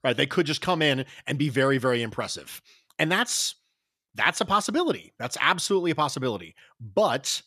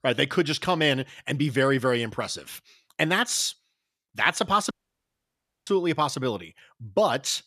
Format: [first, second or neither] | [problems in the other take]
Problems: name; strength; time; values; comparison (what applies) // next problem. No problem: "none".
first | audio cutting out; at 4.5 s for 1 s